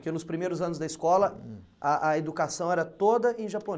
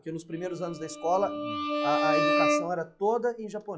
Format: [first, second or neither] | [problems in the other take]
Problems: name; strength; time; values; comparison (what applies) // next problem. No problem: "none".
first | noise reduction (classical method log-MMSE)